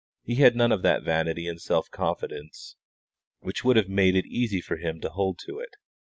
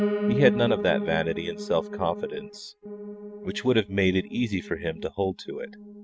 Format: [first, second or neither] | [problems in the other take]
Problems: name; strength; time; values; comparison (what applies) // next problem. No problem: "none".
first | noise reduction (neural mask model RNNoise)